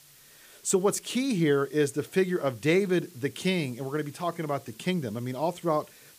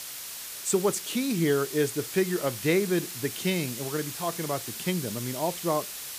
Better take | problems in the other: first | hiss; loud; throughout; 7 dB below the speech; faint in the first

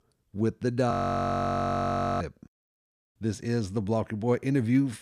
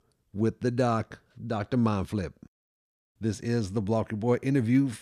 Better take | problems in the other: second | audio freezing; at 1 s for 1.5 s

